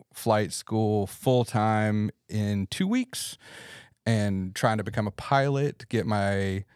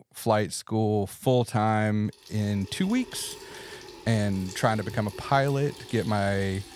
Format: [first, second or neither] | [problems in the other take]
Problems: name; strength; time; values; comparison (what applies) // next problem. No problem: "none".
first | household noises; noticeable; from 2.5 s on; 15 dB below the speech